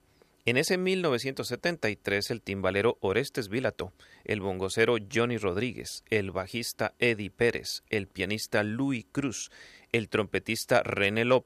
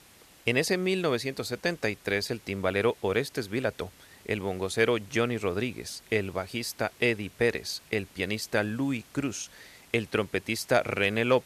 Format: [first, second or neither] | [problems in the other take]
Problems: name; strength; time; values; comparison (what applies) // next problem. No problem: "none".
first | hiss; faint; throughout; 25 dB below the speech